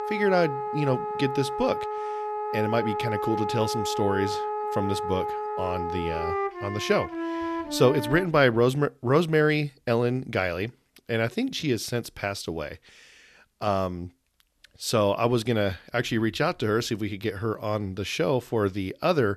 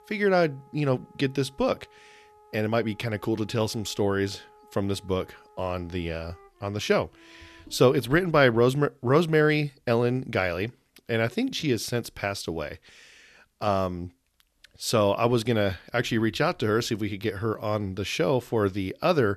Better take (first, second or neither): second